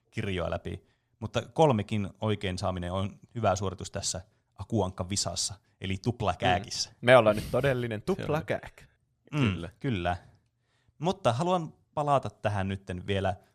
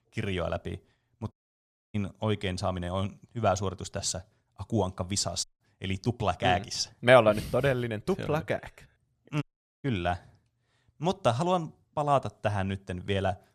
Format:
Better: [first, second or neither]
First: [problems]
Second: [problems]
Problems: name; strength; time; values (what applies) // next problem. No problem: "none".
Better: first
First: none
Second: audio cutting out; at 1.5 s for 0.5 s, at 5.5 s and at 9.5 s